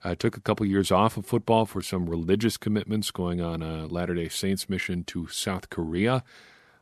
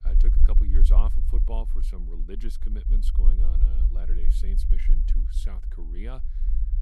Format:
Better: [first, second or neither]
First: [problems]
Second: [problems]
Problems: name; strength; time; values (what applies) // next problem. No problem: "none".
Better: first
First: none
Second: low rumble; loud; throughout; 4 dB below the speech